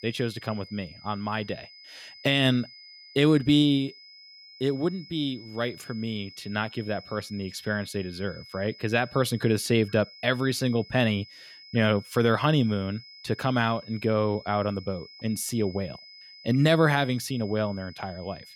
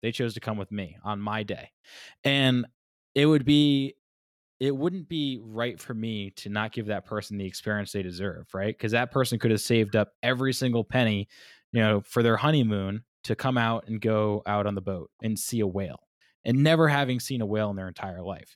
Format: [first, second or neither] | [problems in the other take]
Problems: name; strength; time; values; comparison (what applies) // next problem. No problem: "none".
second | high-pitched whine; noticeable; throughout; 5 kHz, 20 dB below the speech